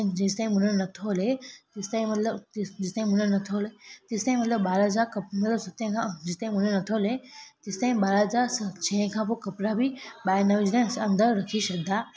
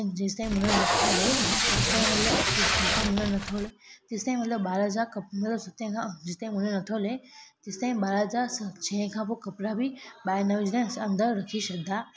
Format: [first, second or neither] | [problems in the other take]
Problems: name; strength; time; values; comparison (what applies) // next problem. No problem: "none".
first | background sound (Packing tape, duct tape); 4 dB above the speech